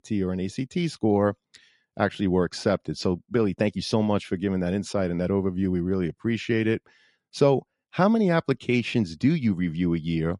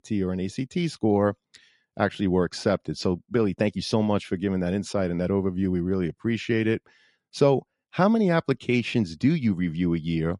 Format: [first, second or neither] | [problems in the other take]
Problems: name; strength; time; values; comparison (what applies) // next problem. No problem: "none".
neither | garbled, watery; slightly; nothing above 11 kHz; the same in both